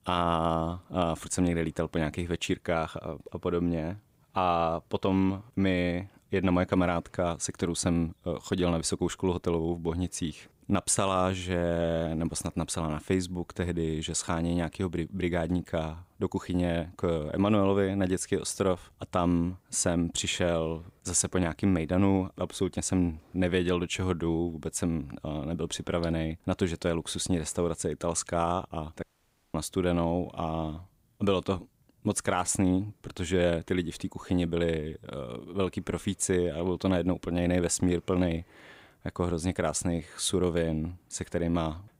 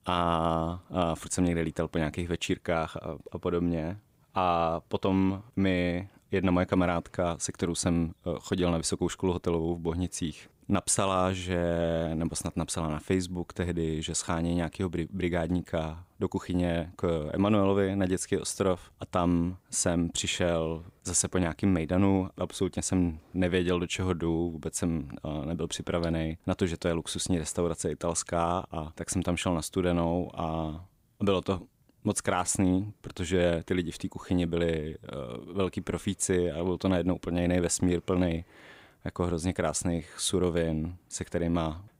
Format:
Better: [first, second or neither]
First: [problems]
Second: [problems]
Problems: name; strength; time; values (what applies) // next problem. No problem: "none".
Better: second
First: audio cutting out; at 29 s for 0.5 s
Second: none